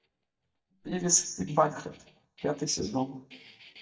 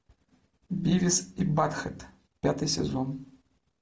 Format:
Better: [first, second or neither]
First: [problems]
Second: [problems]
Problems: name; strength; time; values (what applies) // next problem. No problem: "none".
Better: second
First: noise reduction (neural mask model DeepFilterNet 3)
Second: none